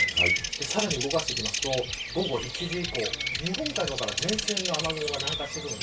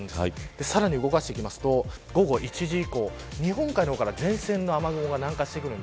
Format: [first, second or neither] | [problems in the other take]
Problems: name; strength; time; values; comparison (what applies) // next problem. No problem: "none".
second | background sound (Bird vocalization, bird call, bird song); 1 dB above the speech // room echo; dies away in 0.2 s